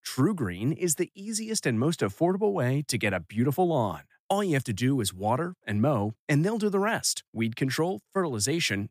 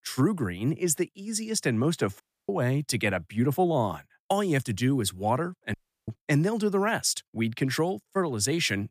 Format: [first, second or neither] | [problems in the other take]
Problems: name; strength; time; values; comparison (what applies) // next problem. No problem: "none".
first | audio cutting out; at 2 s and at 5.5 s